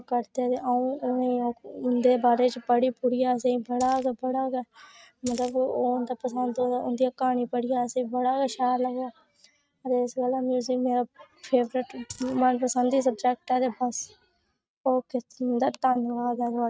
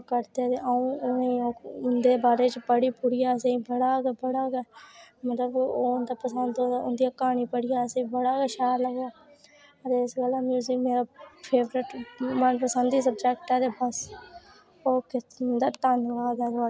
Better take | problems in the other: second | noise reduction (neural mask model RNNoise)

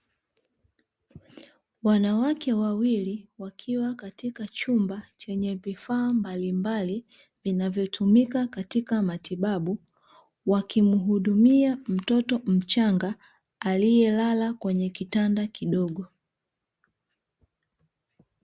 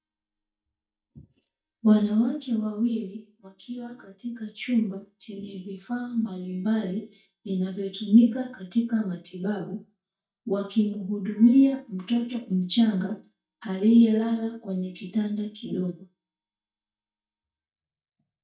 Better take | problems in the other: first | noise reduction (neural mask model DeepFilterNet 3)

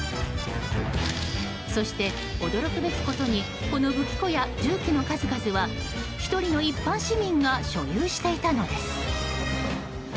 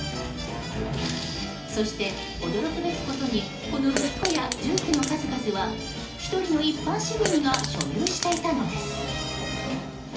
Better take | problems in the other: first | background sound (Fart); 5 dB below the speech // room echo; dies away in 0.4 s

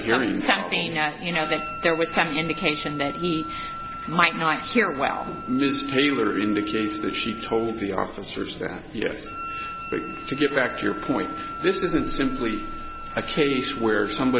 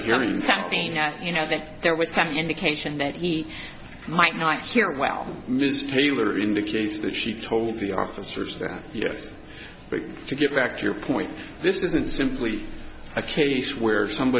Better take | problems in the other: second | background sound (Wind instrument, woodwind instrument); 11 dB below the speech

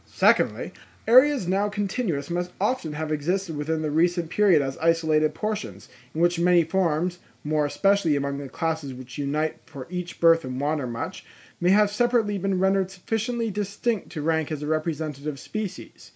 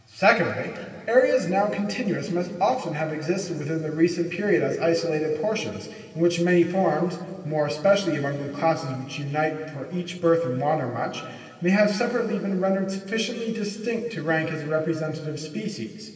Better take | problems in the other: first | room echo; dies away in 2.1 s

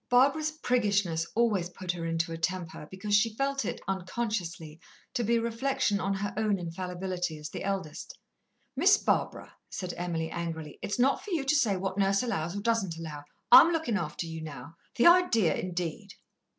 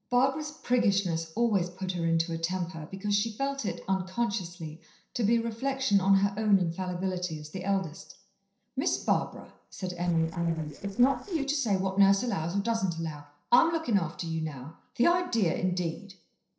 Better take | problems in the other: first | noise reduction (neural separator model SepFormer DNS4)

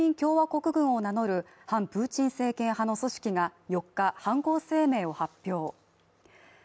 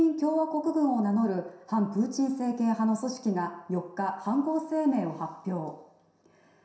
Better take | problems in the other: first | room echo; dies away in 0.7 s

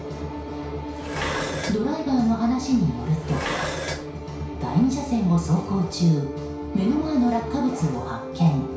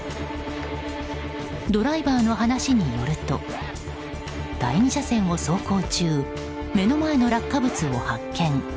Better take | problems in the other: second | background sound (Dishes, pots, and pans); 9 dB below the speech // room echo; dies away in 0.6 s

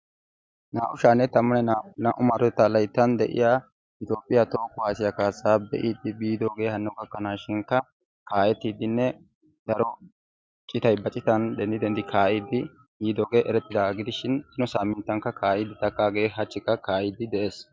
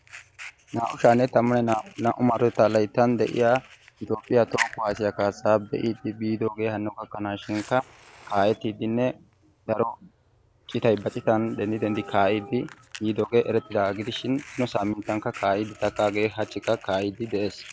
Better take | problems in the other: first | background sound (Fire); 19 dB below the speech

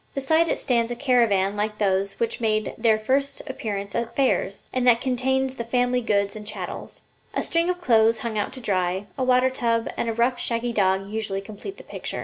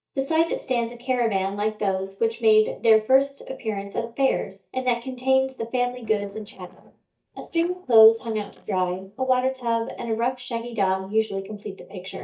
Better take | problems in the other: first | noise reduction (neural mask model DeepFilterNet 3)

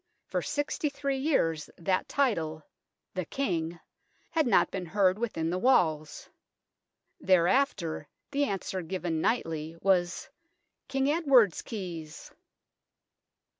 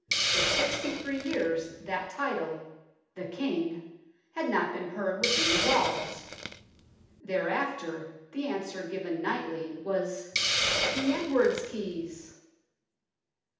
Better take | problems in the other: first | background sound (Hiss); 2 dB below the speech // room echo; dies away in 0.8 s

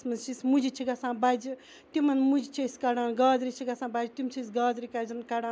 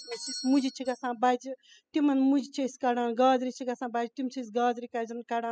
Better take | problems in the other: first | noise reduction (classical method spectral subtraction)

